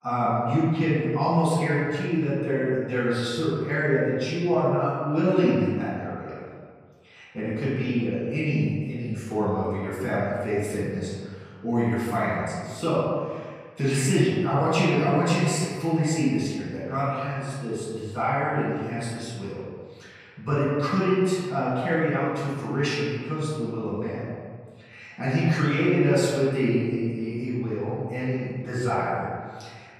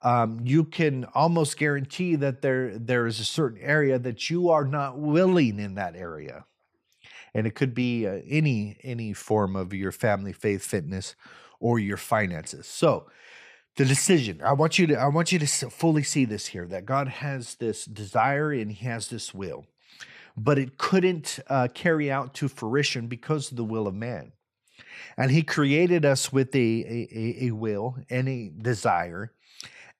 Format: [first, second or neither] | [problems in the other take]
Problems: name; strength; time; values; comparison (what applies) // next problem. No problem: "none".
second | room echo; strong; dies away in 1.6 s // off-mic speech; far